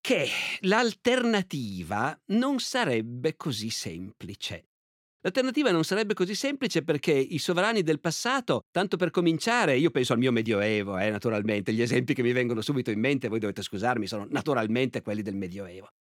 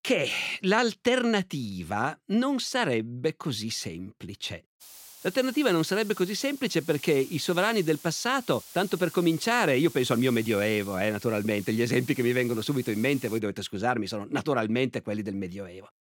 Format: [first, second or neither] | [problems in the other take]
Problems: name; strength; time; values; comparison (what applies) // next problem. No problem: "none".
first | hiss; noticeable; from 5 to 13 s; 15 dB below the speech